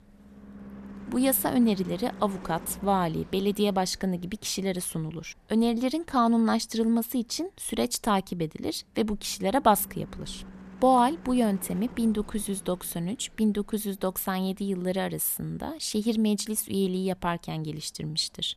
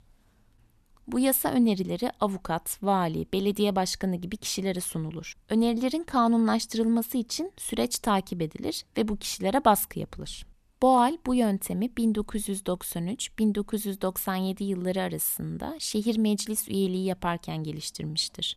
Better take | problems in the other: second | traffic noise; noticeable; throughout; 20 dB below the speech

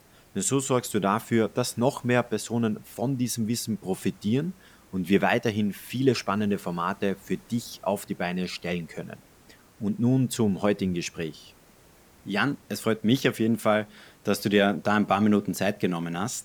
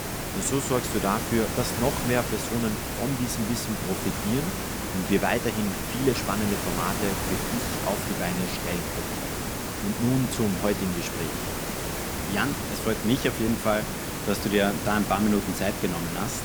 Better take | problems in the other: first | hiss; loud; throughout; 2 dB below the speech; faint in the first

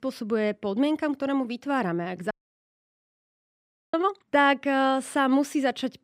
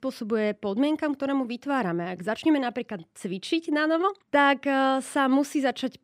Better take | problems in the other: second | audio cutting out; at 2.5 s for 1.5 s

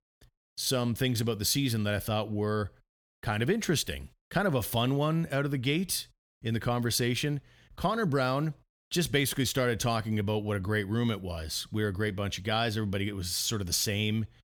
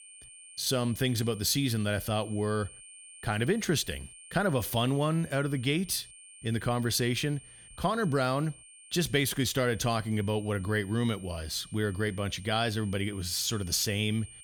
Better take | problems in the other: first | high-pitched whine; noticeable; throughout; 9 kHz, 20 dB below the speech

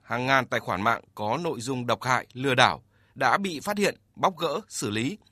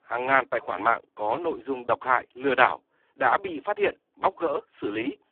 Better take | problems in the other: first | phone-call audio; poor line

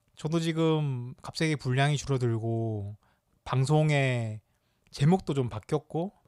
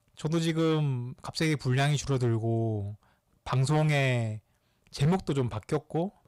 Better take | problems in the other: first | distortion; slight; 8% of the sound clipped

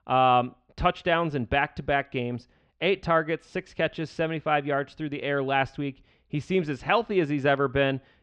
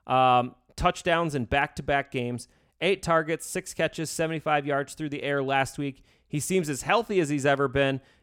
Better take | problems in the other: second | muffled; slightly; fading above 4 kHz

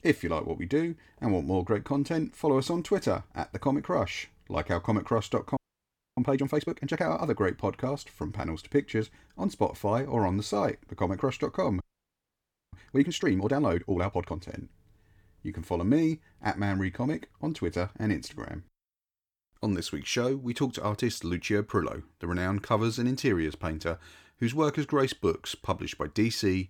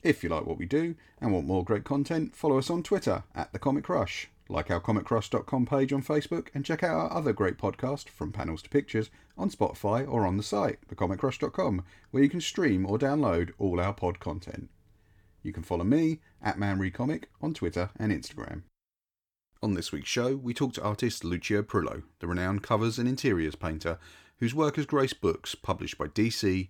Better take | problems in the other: second | audio freezing; at 5.5 s for 0.5 s and at 12 s for 1 s

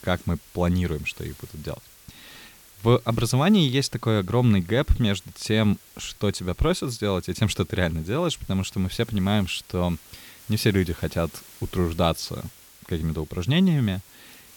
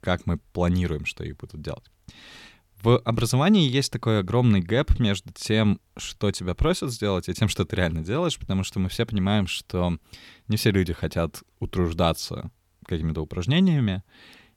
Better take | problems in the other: second | hiss; faint; throughout; 25 dB below the speech

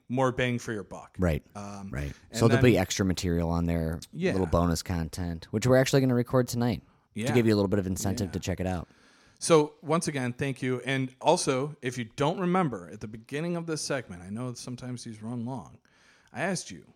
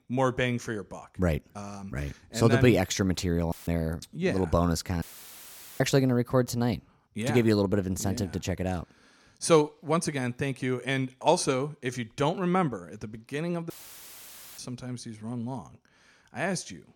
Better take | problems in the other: first | audio cutting out; filled with static; at 3.5 s, at 5 s for 1 s and at 14 s for 1 s

